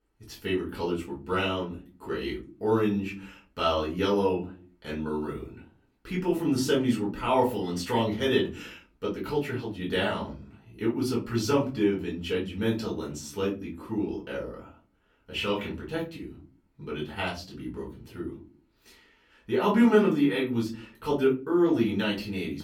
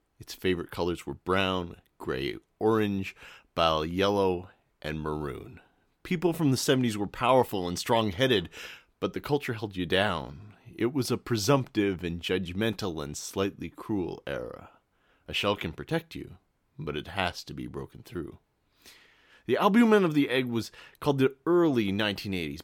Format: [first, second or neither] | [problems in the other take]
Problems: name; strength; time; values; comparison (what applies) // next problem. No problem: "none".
second | room echo; slight; dies away in 0.3 s // off-mic speech; far